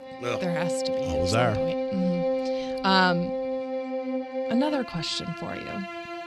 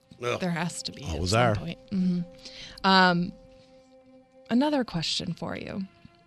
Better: second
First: background music; loud; throughout; 2 dB below the speech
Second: background music; faint; throughout; 30 dB below the speech

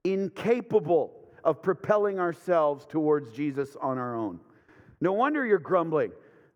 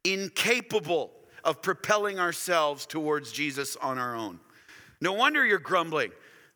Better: second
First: muffled; very; fading above 1.5 kHz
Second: none

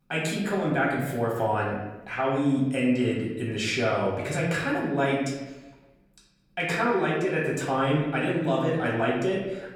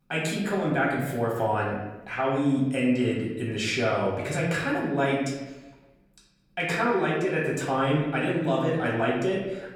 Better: neither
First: room echo; noticeable; dies away in 0.9 s // off-mic speech; far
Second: room echo; noticeable; dies away in 0.9 s // off-mic speech; far

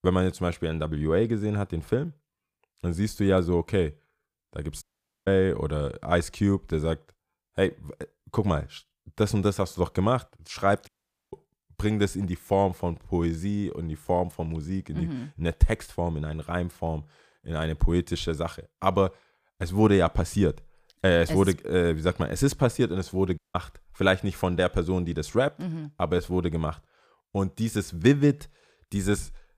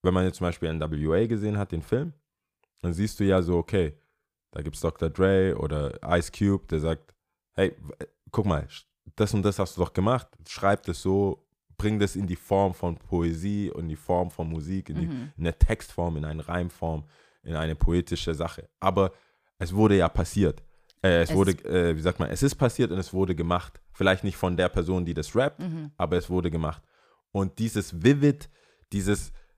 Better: second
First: audio cutting out; at 5 s, at 11 s and at 23 s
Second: none

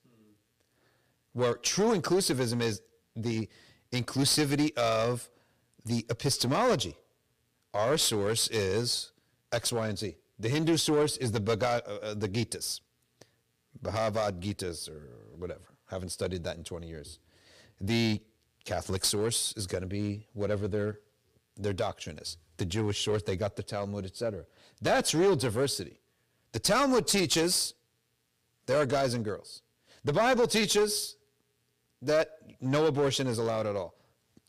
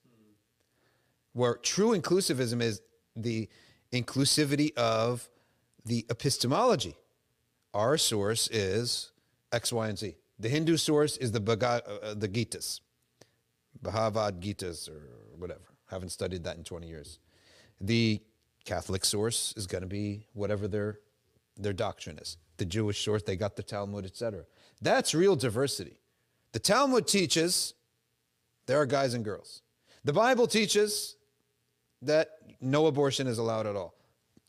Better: second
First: distortion; slight; 4% of the sound clipped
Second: none

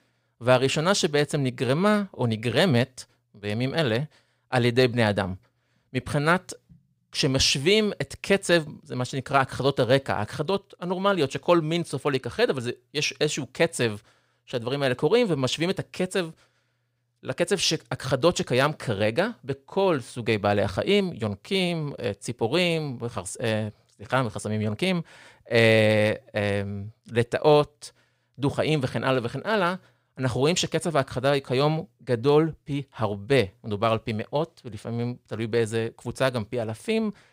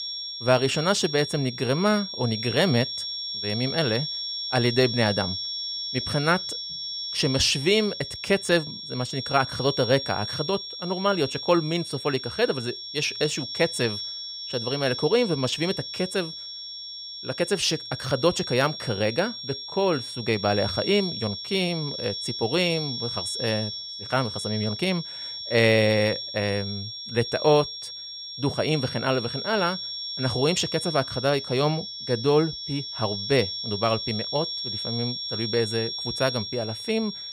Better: first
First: none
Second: high-pitched whine; loud; throughout; 5.5 kHz, 5 dB below the speech

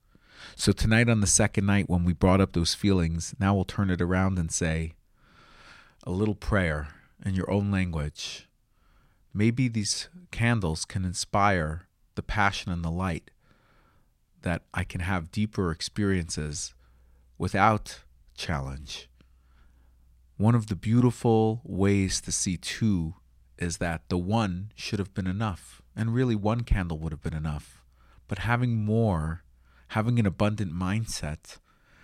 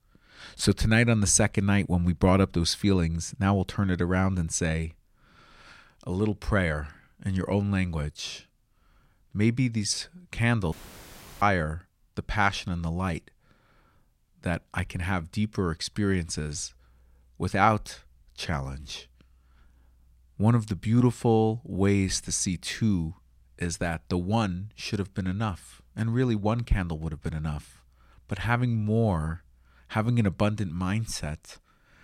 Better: first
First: none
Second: audio cutting out; filled with static; at 11 s for 0.5 s

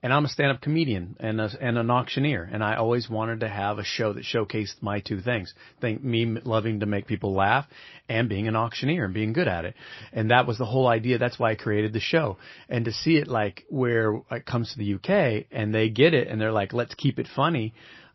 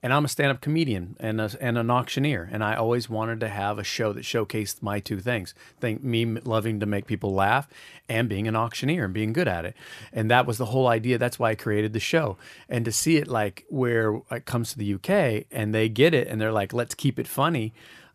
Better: second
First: garbled, watery; slightly; nothing above 5.5 kHz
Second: none

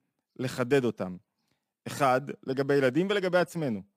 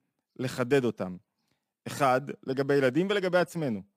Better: neither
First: none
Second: none

